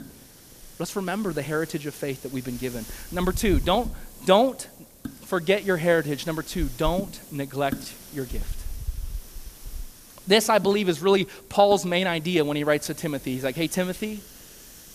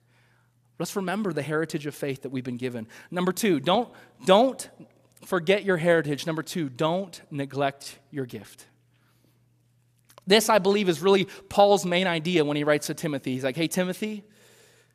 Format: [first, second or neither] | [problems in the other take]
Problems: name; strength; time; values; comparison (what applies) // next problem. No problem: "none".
second | hiss; noticeable; throughout; 15 dB below the speech